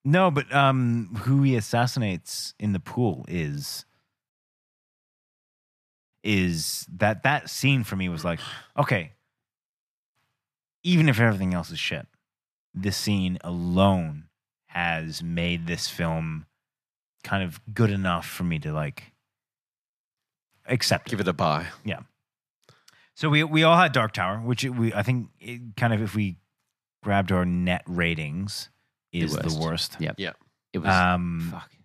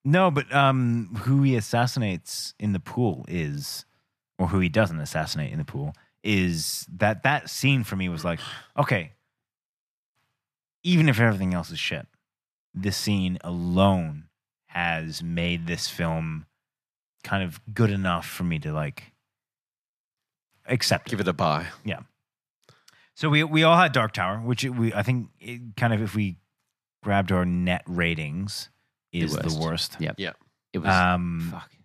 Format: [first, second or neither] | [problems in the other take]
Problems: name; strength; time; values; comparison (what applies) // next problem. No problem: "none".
second | audio cutting out; at 4.5 s for 2 s